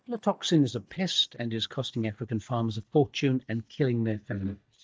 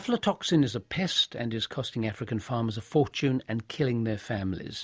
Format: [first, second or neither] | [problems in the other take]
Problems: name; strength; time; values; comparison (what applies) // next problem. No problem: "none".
second | noise reduction (neural mask model DeepFilterNet 3)